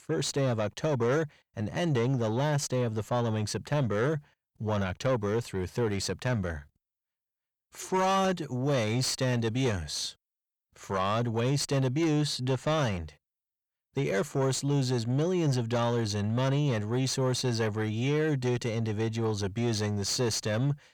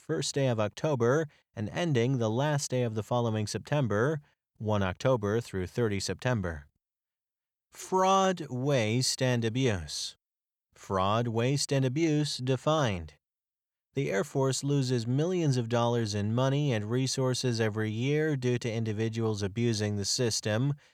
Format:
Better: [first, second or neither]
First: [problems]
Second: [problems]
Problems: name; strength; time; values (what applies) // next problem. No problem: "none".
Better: second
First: distortion; slight; 10 dB below the speech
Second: none